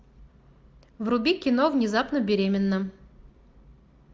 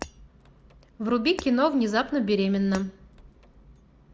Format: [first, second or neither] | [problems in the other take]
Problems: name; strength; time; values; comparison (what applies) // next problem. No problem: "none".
first | background sound (Shatter); 19 dB below the speech